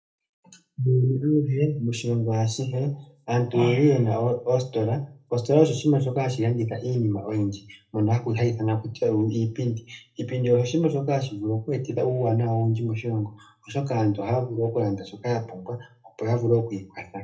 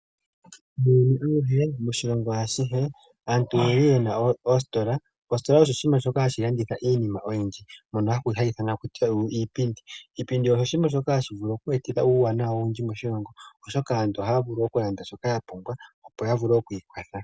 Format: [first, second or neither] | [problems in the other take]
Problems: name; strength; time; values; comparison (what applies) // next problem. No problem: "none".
second | room echo; dies away in 0.3 s